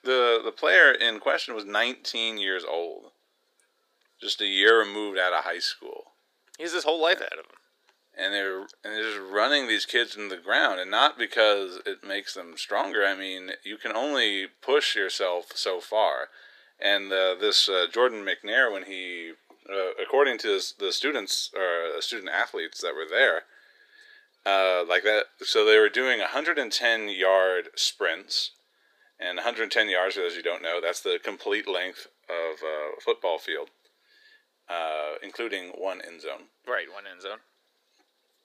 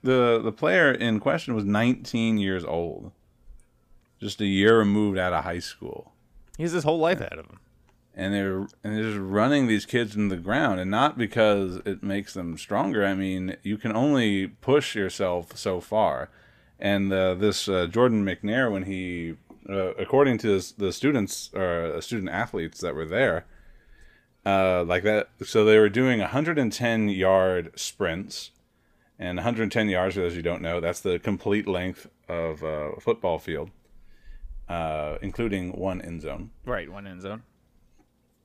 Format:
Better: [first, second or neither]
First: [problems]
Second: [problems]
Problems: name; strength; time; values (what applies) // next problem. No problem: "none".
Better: second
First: thin; very; fading below 350 Hz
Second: none